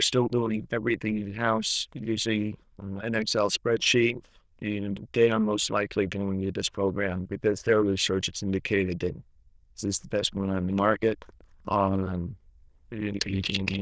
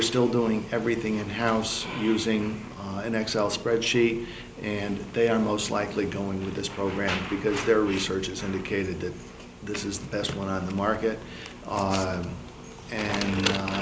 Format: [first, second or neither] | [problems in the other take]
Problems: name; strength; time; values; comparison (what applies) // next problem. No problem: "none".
second | noise reduction (neural diffusion model UNIVERSE++)